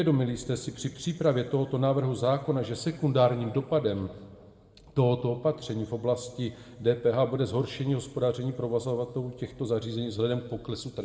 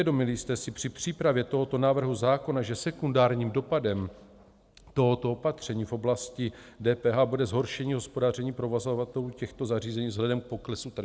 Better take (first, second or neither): second